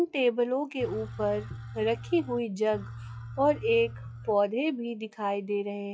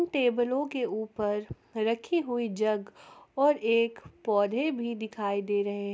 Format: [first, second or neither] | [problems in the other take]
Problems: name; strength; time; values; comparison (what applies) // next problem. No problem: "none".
second | noise reduction (classical method WPE with log-MMSE)